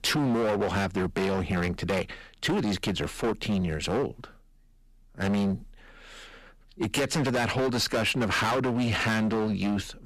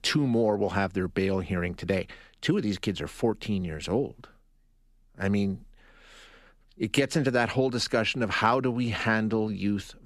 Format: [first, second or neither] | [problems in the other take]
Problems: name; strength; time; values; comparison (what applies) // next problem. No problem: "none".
second | distortion; heavy; 19% of the sound clipped